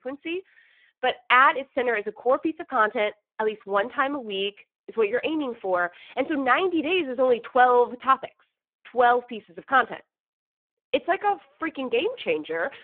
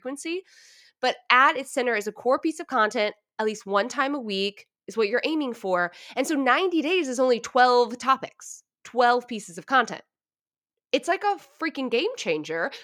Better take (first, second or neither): second